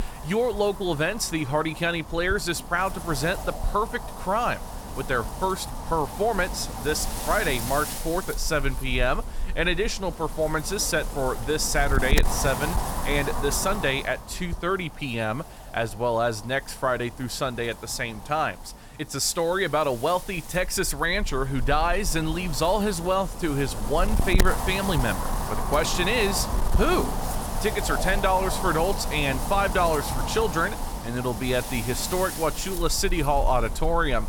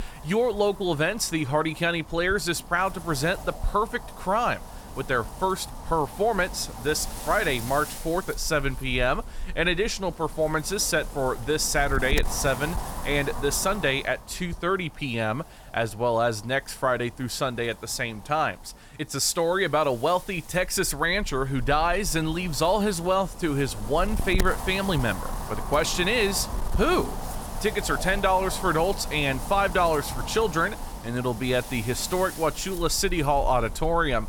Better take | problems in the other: second | wind noise on the microphone; heavy; 9 dB below the speech; occasional gusts in the second

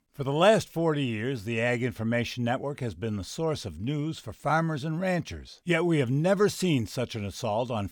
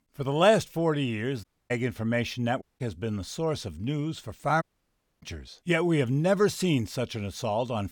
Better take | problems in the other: first | audio cutting out; at 1.5 s, at 2.5 s and at 4.5 s for 0.5 s

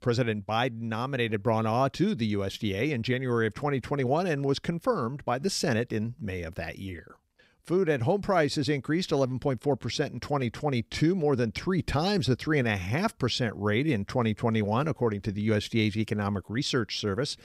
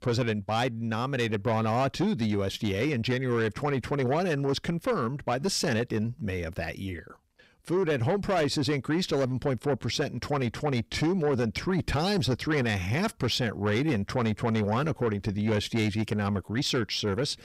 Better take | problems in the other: first | distortion; slight; 10 dB below the speech

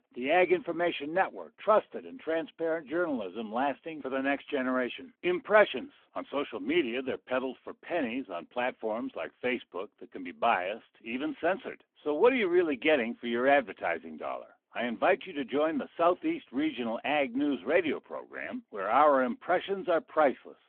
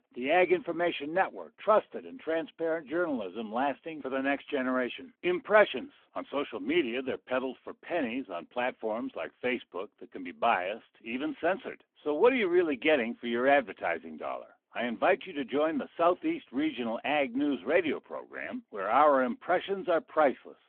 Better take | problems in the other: neither | phone-call audio; the same in both

